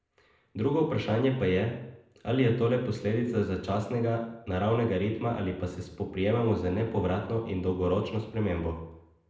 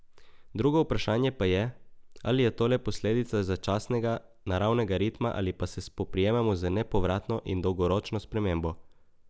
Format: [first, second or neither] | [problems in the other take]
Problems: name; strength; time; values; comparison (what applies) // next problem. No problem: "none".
second | room echo; dies away in 0.7 s